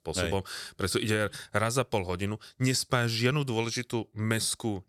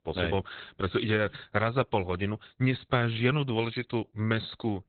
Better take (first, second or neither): first